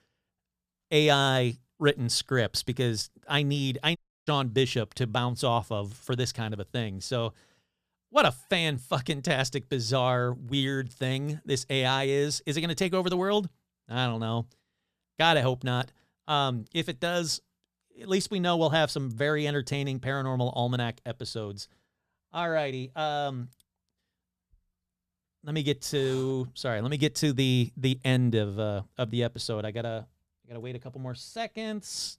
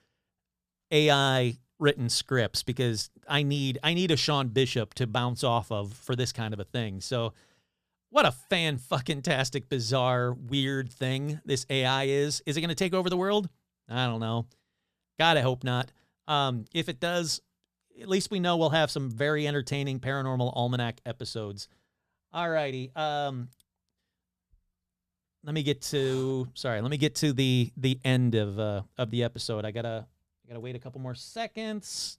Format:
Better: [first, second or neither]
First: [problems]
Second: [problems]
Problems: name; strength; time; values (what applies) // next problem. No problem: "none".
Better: second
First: audio cutting out; at 4 s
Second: none